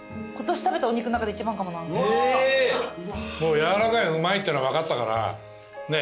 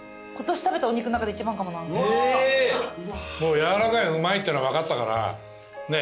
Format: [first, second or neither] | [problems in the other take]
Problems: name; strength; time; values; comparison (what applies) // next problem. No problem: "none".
second | background sound (Bowed string instrument); 20 dB below the speech